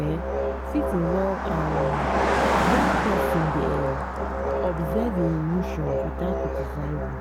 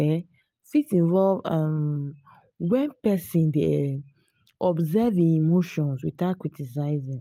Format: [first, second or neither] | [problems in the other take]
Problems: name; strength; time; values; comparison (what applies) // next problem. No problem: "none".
second | background sound (Musical instrument + Car passing by); 3 dB above the speech